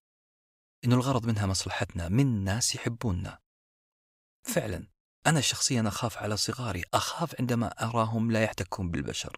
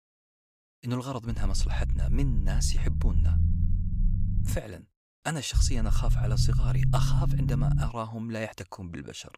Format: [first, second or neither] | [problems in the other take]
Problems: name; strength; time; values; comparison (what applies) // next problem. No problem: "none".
first | low rumble; loud; from 1.5 to 4.5 s and from 5.5 to 8 s; 6 dB below the speech